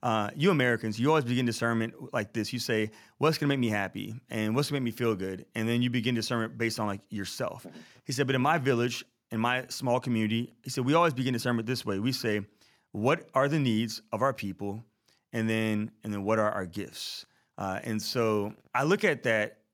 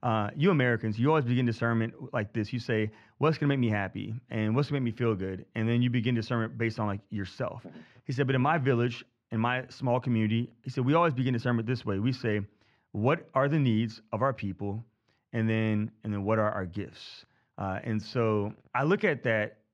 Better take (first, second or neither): first